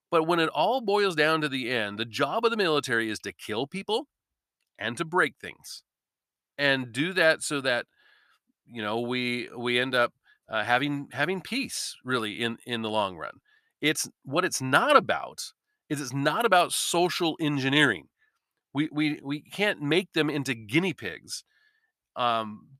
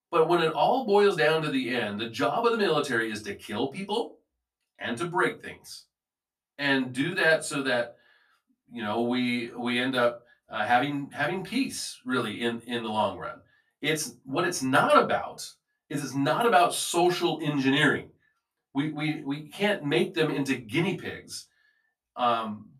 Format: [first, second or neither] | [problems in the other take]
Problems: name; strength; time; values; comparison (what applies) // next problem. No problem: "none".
first | off-mic speech; far // room echo; very slight; dies away in 0.2 s